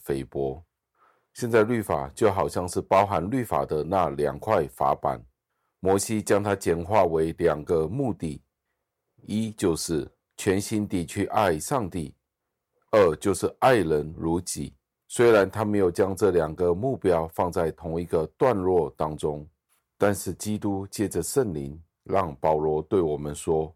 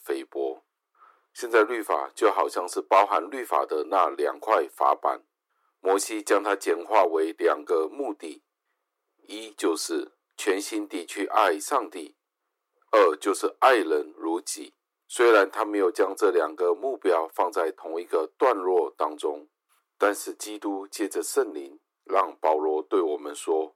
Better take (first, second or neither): first